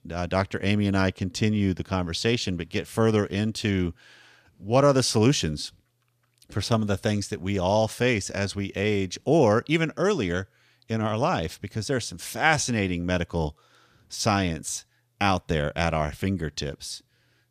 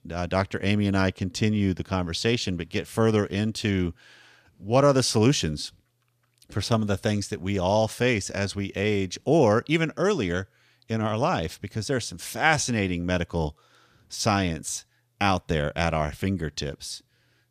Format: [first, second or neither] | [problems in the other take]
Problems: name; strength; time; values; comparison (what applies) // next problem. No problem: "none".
neither | none